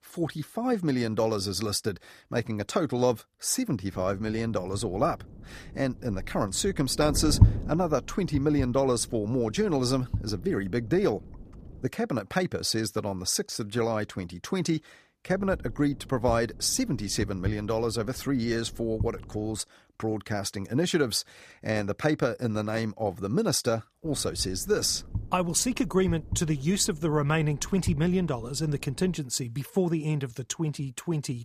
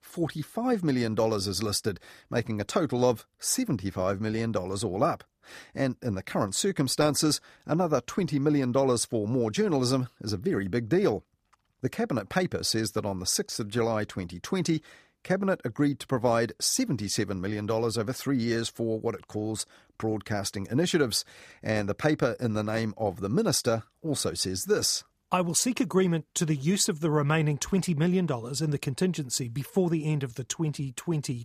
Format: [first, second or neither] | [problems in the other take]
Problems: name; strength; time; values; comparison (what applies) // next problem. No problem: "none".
second | wind noise on the microphone; occasional gusts; from 4 to 12 s, from 15 to 20 s and from 24 to 29 s; 20 dB below the speech